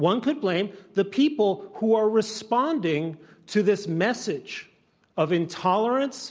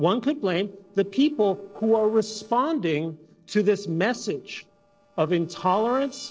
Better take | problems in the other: first | noise reduction (neural separator model SepFormer DNS4)

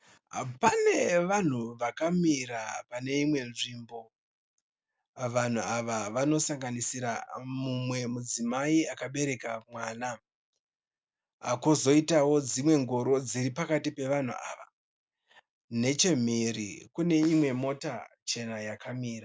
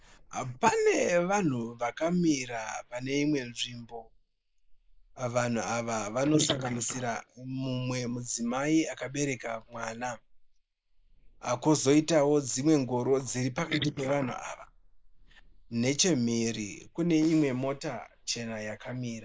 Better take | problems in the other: first | noise reduction (neural mask model Resemble Enhance denoiser)

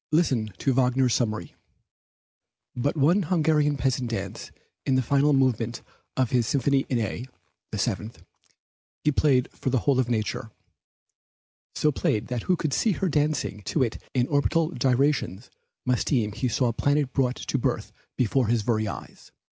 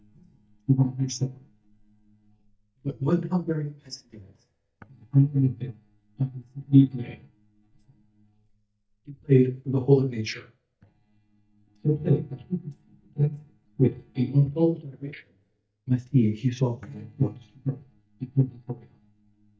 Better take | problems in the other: first | noise reduction (neural mask model DeepFilterNet 3)

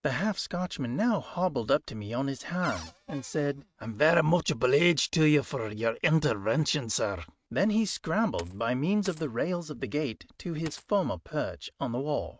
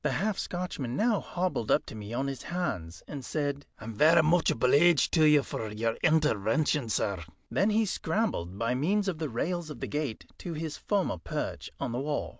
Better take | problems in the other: second | noise reduction (neural mask model RNNoise)

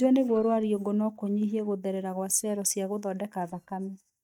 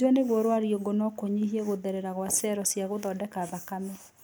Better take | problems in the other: second | noise reduction (neural mask model DeepFilterNet 3)

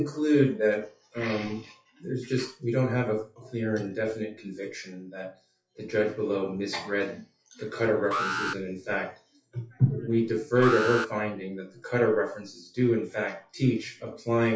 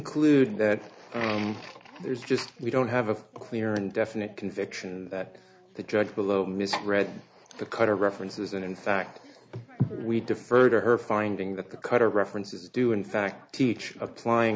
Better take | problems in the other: second | noise reduction (classical method WPE with log-MMSE)

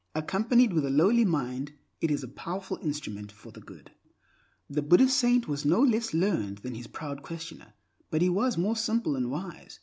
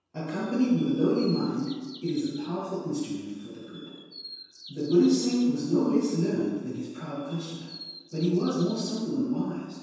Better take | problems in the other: first | background sound (Bird vocalization, bird call, bird song); 20 dB below the speech // room echo; dies away in 1.2 s

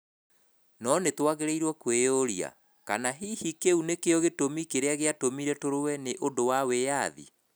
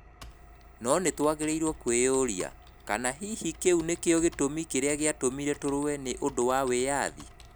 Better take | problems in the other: first | background sound (Computer keyboard + Engine); 20 dB below the speech

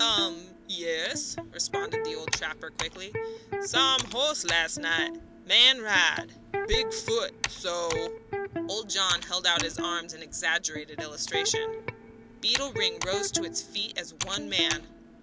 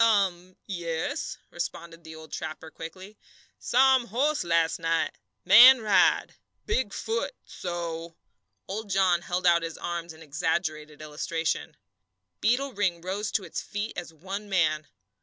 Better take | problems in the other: second | background sound (Computer keyboard + Electric guitar); 6 dB below the speech

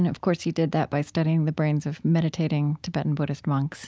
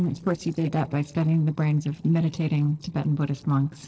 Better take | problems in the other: first | noise reduction (neural separator model SepFormer DNS4)

